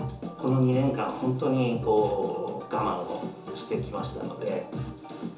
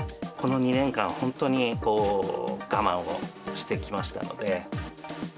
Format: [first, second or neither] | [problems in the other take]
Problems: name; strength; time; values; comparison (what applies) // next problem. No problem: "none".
second | room echo; dies away in 0.7 s